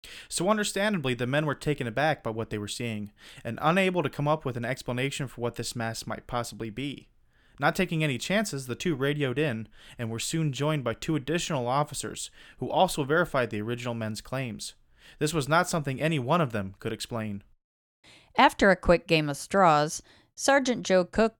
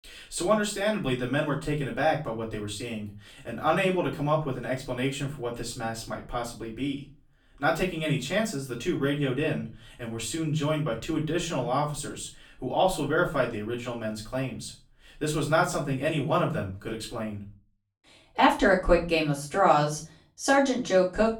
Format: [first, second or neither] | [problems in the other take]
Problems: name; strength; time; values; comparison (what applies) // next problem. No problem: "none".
first | room echo; slight; dies away in 0.3 s // off-mic speech; far